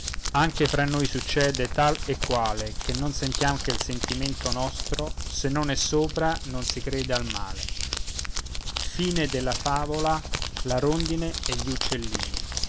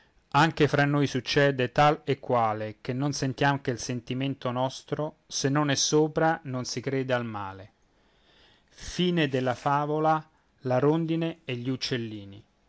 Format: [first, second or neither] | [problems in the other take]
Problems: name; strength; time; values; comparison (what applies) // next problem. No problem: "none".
second | background sound (Crumpling, crinkling); 2 dB below the speech